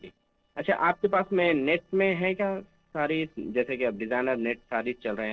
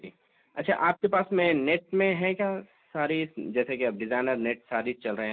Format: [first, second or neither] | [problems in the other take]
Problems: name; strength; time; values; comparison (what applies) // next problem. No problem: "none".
second | noise reduction (neural separator model SepFormer DNS4)